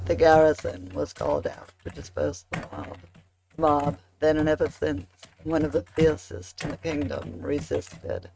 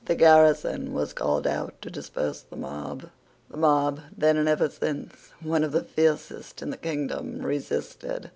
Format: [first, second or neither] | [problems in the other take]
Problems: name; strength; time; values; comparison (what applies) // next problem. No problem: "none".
second | noise reduction (neural mask model RNNoise)